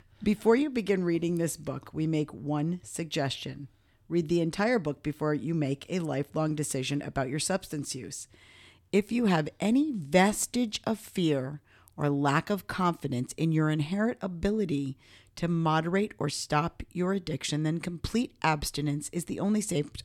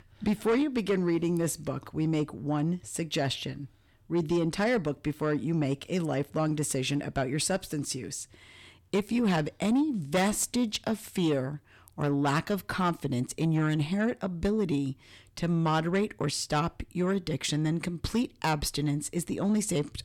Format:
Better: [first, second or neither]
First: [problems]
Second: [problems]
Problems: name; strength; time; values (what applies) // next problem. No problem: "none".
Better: first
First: none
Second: distortion; slight; 10 dB below the speech